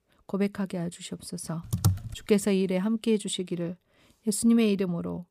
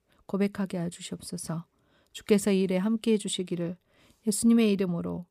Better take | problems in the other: second | keyboard typing; loud; at 1.5 s; peak 1 dB above the speech

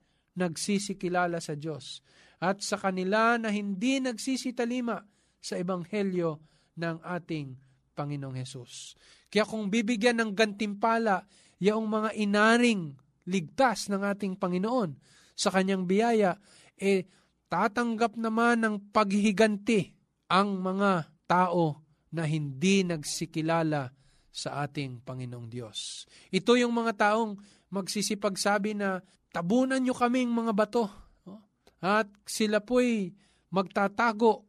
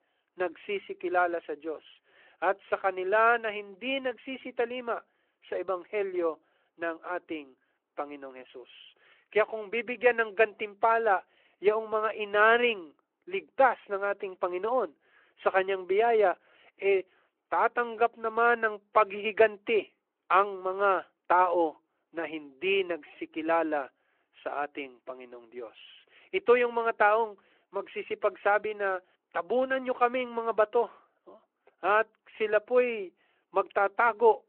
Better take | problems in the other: first | phone-call audio

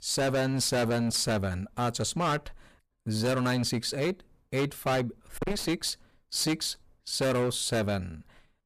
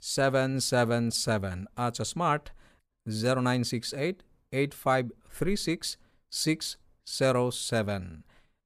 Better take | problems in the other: second | distortion; heavy; 14% of the sound clipped

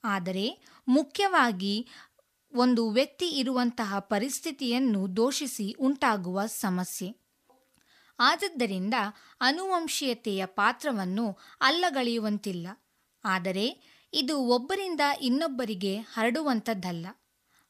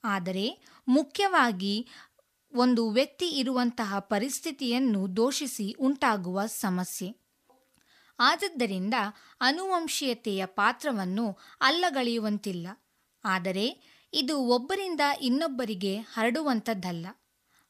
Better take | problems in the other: neither | none

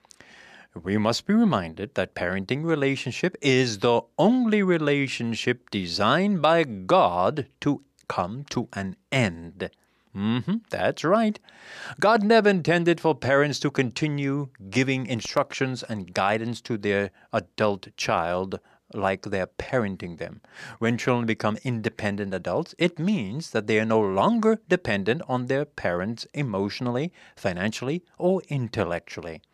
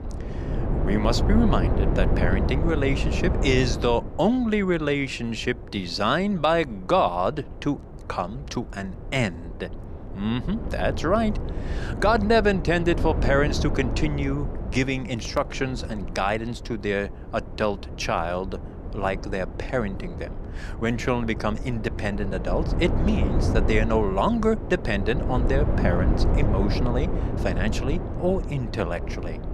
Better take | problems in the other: first | wind noise on the microphone; heavy; 9 dB below the speech

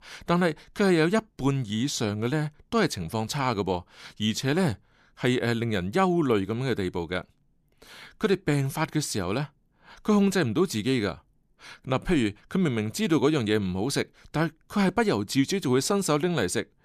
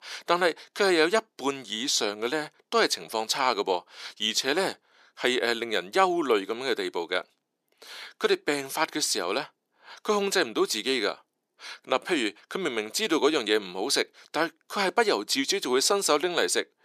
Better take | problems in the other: first | thin; somewhat; fading below 400 Hz

